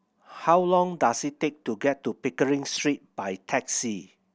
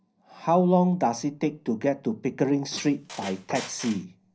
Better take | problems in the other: first | background sound (Squeak); 14 dB below the speech // room echo; dies away in 0.5 s

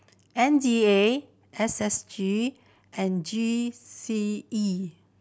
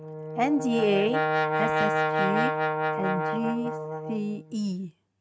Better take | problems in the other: first | noise reduction (neural mask model RNNoise)

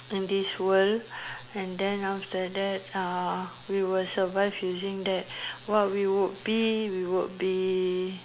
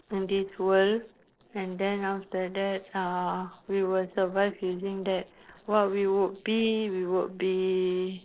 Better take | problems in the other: first | noise reduction (neural separator model SepFormer DNS4)

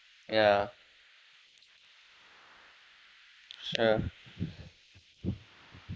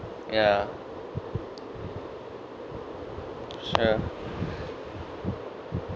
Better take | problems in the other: second | noise reduction (neural mask model Resemble Enhance denoiser)

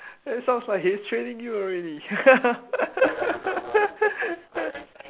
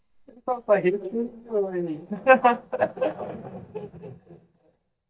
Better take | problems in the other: first | noise reduction (neural mask model DeepFilterNet 3)

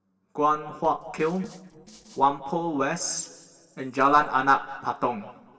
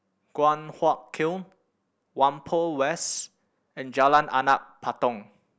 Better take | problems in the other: second | noise reduction (neural separator model SepFormer DNS4)

